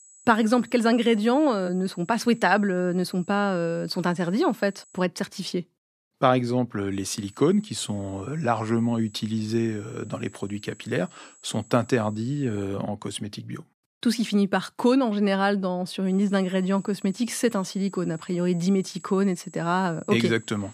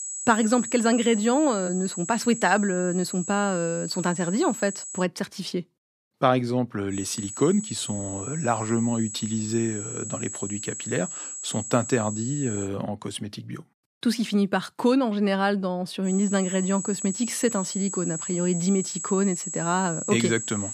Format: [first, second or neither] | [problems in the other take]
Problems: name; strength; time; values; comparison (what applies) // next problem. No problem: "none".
first | high-pitched whine; loud; until 5 s, from 7 to 13 s and from 16 s on; 7.5 kHz, 7 dB below the speech; faint in the first